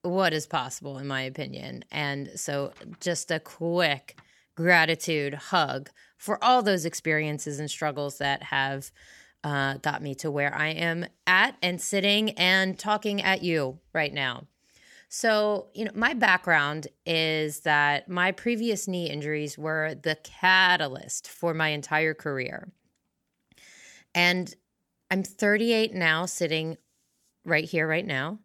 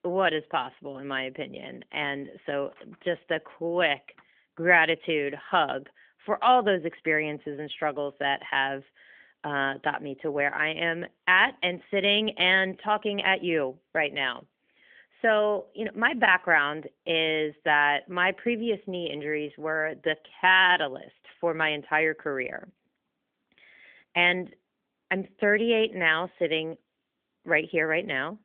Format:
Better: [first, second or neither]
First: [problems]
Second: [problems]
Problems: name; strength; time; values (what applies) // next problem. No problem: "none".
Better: first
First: none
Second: phone-call audio; nothing above 3.5 kHz